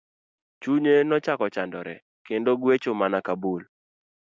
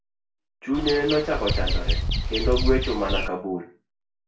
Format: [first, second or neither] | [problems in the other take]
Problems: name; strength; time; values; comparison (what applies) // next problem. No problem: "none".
first | background sound (Bird vocalization, bird call, bird song); 2 dB above the speech // room echo; dies away in 0.3 s